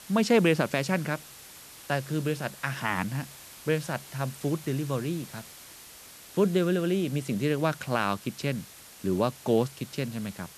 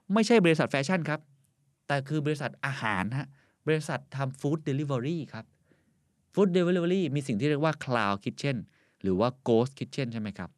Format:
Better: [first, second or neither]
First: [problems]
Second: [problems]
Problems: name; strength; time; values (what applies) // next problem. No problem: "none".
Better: second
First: hiss; noticeable; throughout; 15 dB below the speech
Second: none